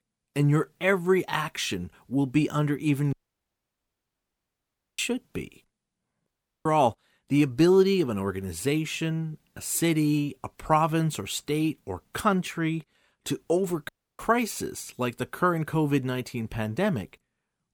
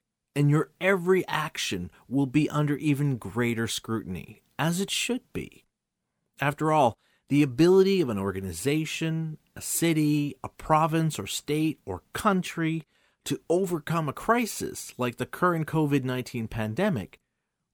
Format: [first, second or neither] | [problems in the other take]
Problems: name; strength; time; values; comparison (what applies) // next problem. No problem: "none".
second | audio cutting out; at 3 s for 2 s, at 6.5 s and at 14 s